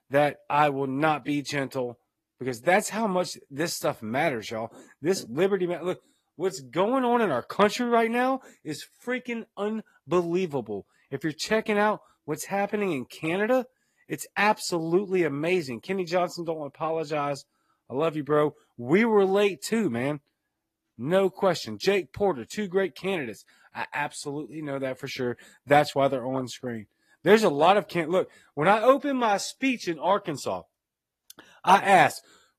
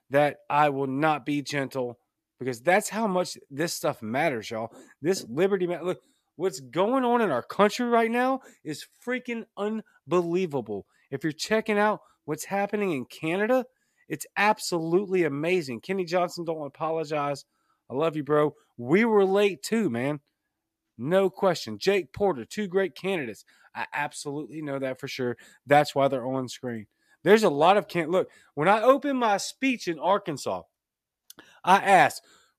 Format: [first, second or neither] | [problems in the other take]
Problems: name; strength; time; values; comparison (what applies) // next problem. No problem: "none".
second | garbled, watery; slightly; nothing above 14.5 kHz